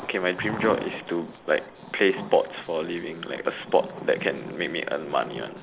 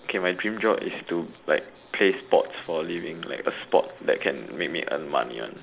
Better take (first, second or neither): second